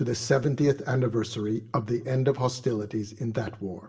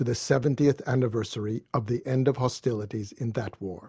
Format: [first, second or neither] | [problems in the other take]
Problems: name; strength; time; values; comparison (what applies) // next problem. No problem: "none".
second | room echo; dies away in 0.6 s